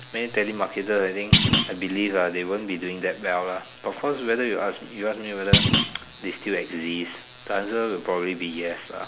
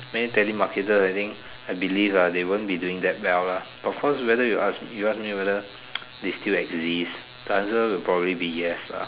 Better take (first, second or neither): second